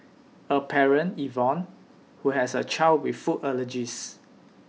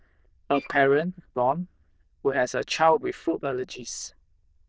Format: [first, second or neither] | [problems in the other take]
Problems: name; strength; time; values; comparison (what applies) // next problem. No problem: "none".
first | noise reduction (neural diffusion model UNIVERSE++)